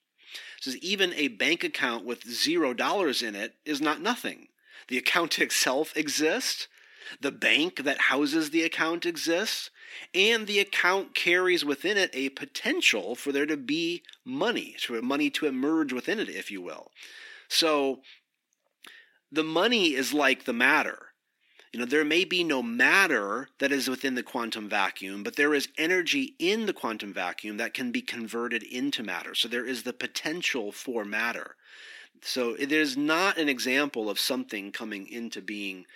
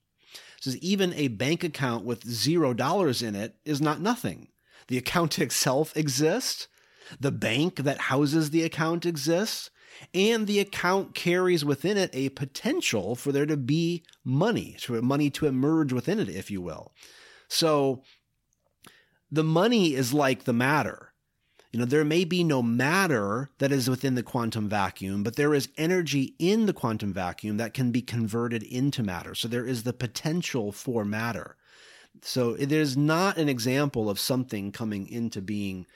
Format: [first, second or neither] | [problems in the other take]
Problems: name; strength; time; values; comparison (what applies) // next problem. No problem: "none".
second | thin; very slightly; fading below 250 Hz